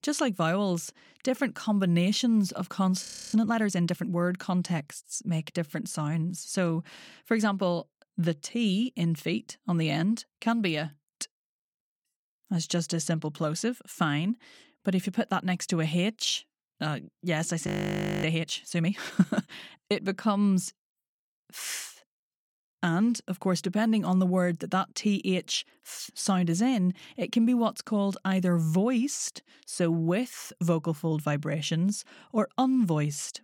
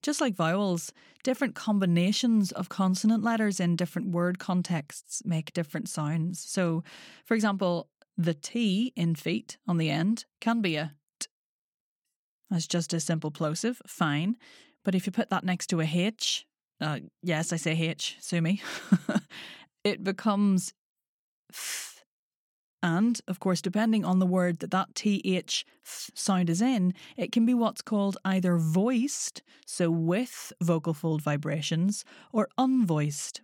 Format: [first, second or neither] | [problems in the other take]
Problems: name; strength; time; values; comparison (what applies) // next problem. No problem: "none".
second | audio freezing; at 3 s and at 18 s for 0.5 s